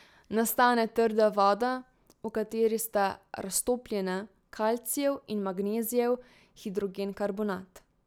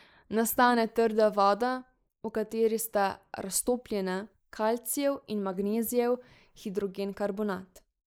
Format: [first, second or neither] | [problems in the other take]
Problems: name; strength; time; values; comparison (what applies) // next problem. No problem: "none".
first | noise reduction (neural mask model Resemble Enhance denoiser)